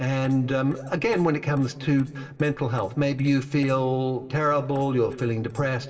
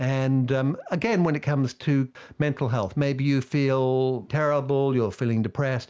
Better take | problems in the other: second | noise reduction (neural separator model SepFormer DNS4)

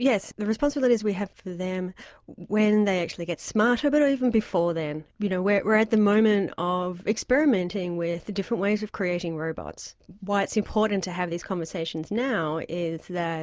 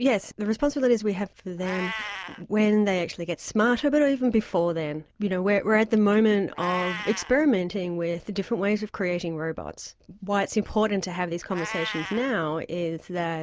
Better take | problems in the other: first | background sound (Meow); 16 dB below the speech

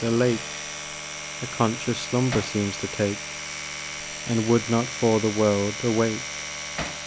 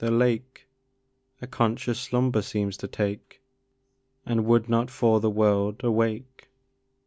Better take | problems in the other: second | background sound (Domestic sounds, home sounds + Hammer); 8 dB below the speech

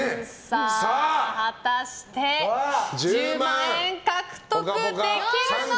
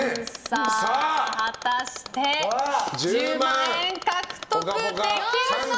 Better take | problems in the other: first | background sound (Mechanisms); 13 dB below the speech // room echo; dies away in 0.4 s

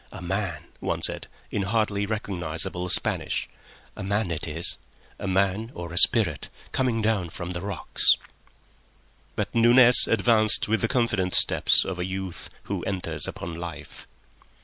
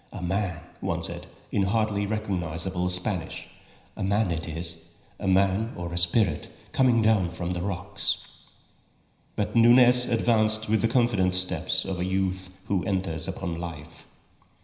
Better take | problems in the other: first | room echo; dies away in 0.9 s

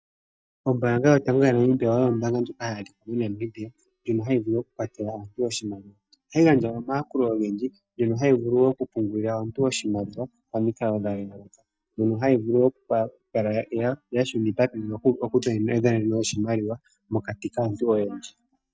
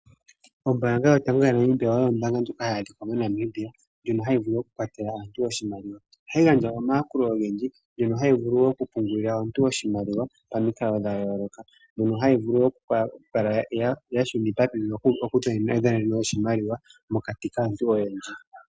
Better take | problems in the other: second | noise reduction (neural mask model DeepFilterNet 3)

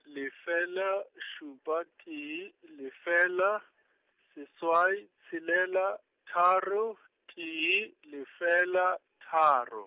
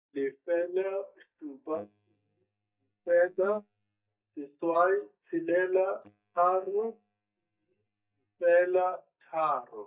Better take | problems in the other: first | noise reduction (neural mask model DeepFilterNet 3)

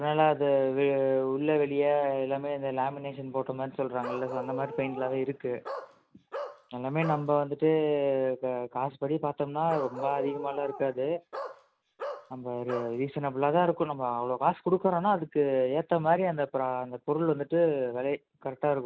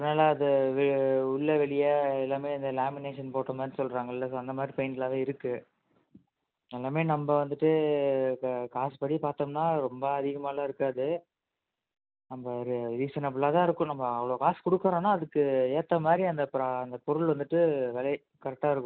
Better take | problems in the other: second | background sound (Bark); 11 dB below the speech

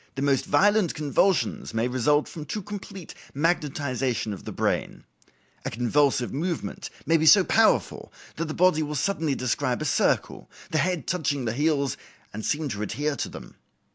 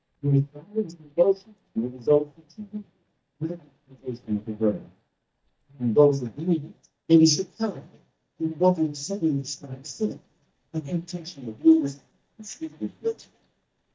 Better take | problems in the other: first | noise reduction (neural mask model DeepFilterNet 3)

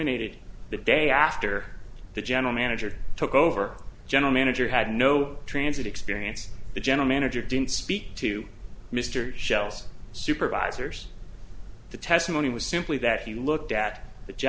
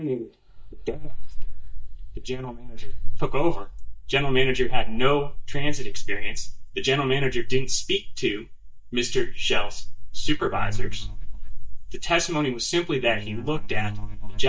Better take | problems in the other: first | noise reduction (neural mask model DeepFilterNet 3)

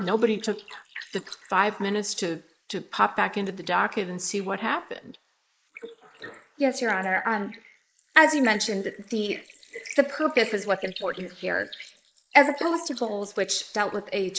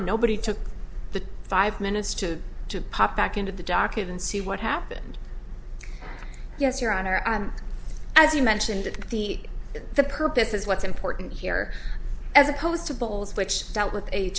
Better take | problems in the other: second | noise reduction (neural mask model Resemble Enhance denoiser)

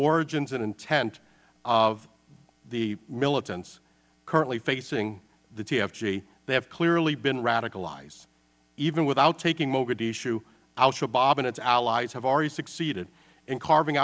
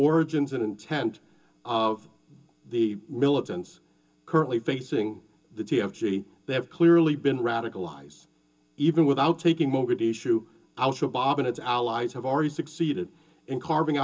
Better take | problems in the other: first | room echo; dies away in 0.2 s

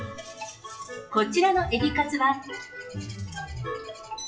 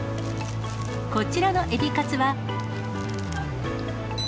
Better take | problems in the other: second | noise reduction (classical method WPE with log-MMSE)

